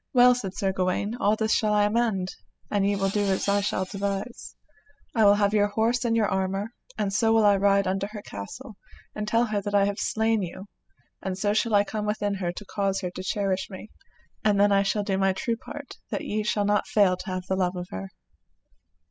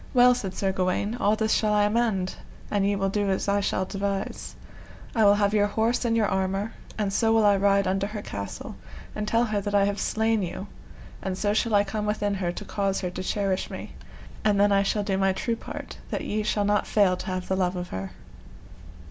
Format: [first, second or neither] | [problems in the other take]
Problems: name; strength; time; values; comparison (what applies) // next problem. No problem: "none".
second | noise reduction (classical method spectral subtraction)